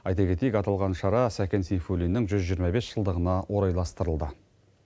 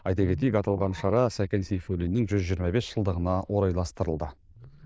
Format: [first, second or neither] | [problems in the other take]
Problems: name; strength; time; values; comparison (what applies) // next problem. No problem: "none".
first | noise reduction (neural diffusion model UNIVERSE++)